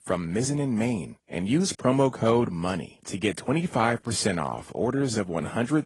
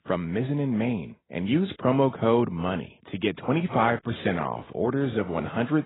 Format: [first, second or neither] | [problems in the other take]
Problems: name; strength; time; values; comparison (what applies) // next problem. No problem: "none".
first | garbled, watery; badly; nothing above 4 kHz; slightly in the first